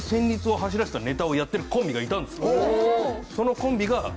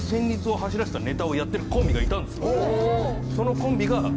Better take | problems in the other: first | background sound (Accelerating, revving, vroom); 1 dB below the speech

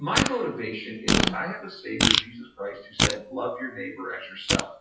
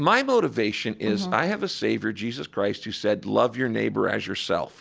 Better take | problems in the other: second | noise reduction (classical method WPE with log-MMSE)

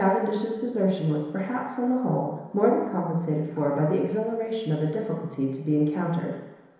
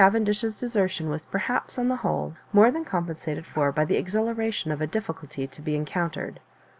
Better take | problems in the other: second | room echo; dies away in 1 s

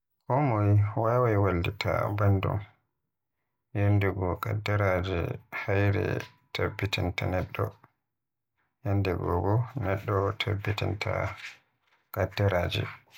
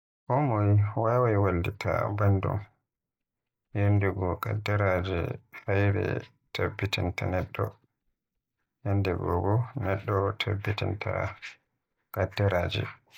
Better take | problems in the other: first | noise reduction (neural mask model DeepFilterNet 3)

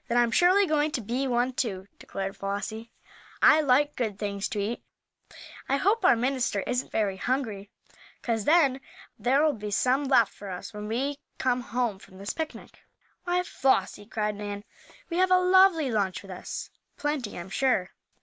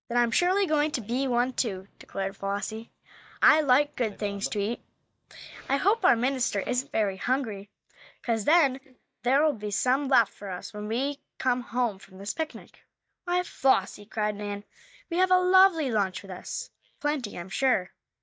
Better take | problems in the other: first | noise reduction (neural mask model DeepFilterNet 3)

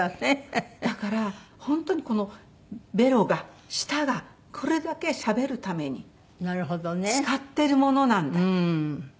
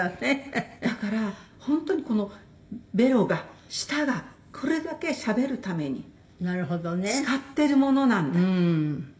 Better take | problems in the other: first | room echo; dies away in 0.7 s

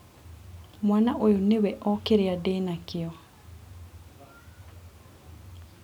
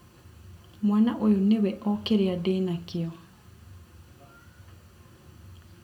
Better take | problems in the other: first | room echo; dies away in 0.7 s

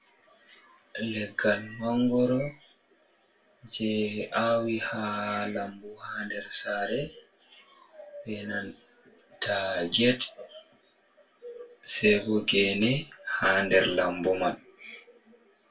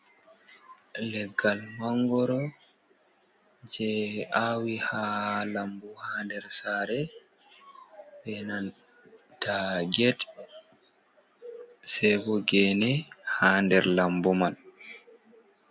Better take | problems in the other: second | room echo; dies away in 0.2 s

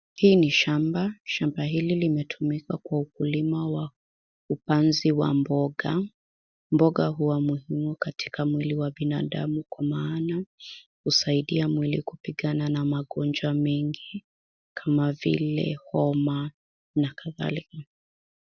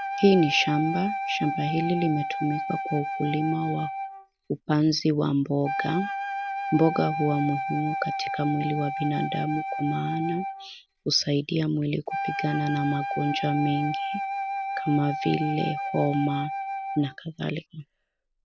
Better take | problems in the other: first | background sound (Wind instrument, woodwind instrument); 5 dB below the speech

